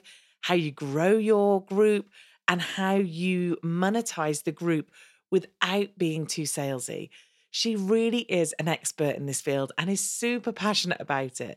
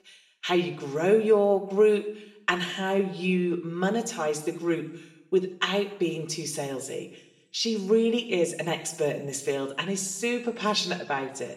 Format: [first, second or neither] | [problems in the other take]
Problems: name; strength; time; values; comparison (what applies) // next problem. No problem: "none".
first | room echo; slight; dies away in 0.6 s // off-mic speech; somewhat distant